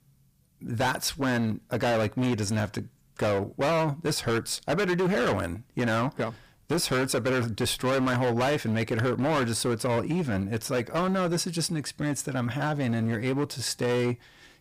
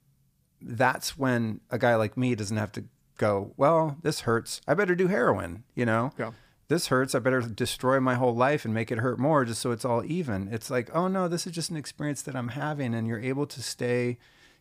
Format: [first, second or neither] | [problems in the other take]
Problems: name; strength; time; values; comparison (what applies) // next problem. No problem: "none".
second | distortion; heavy; 19% of the sound clipped